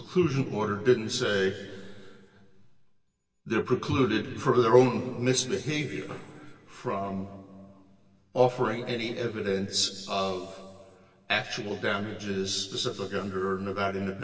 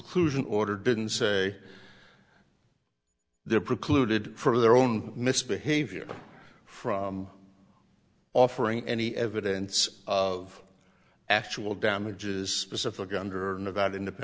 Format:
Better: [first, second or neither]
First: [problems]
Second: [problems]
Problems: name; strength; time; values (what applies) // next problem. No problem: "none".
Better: second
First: room echo; dies away in 2.3 s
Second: none